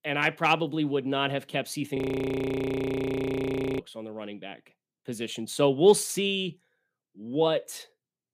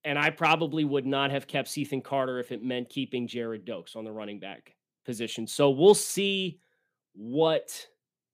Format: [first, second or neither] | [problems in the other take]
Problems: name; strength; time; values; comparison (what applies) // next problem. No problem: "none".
second | audio freezing; at 2 s for 2 s